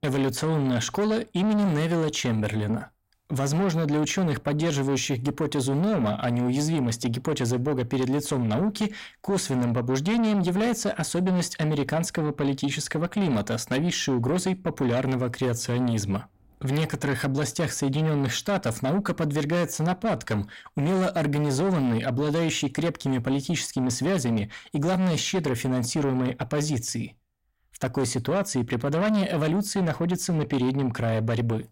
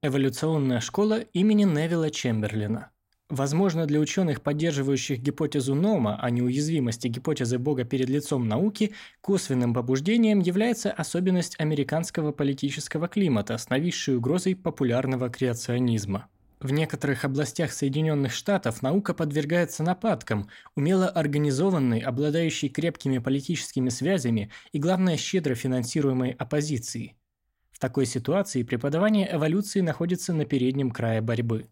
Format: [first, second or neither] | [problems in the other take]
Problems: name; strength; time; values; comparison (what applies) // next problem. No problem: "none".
second | distortion; slight; 10 dB below the speech